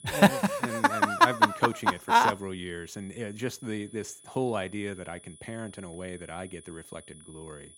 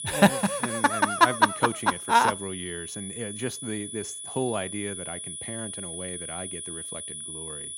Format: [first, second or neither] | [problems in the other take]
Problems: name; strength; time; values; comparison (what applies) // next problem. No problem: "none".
first | high-pitched whine; loud; throughout; 10 kHz, 9 dB below the speech; faint in the first